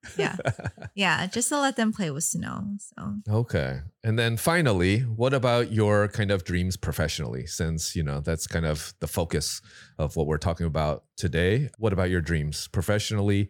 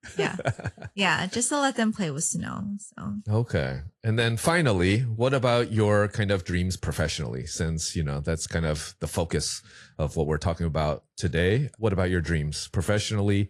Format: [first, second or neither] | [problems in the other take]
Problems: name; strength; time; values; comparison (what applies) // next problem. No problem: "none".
first | garbled, watery; slightly; nothing above 11 kHz